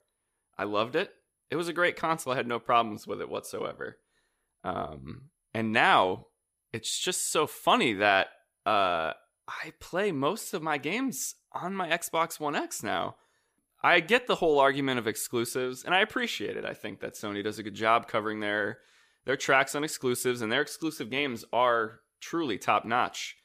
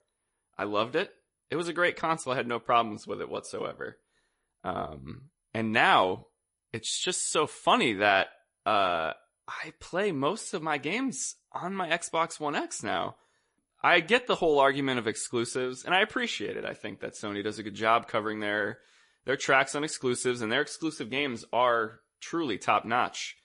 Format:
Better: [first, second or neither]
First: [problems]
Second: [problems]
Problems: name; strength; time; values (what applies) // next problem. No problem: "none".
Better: first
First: none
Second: garbled, watery; slightly; nothing above 10.5 kHz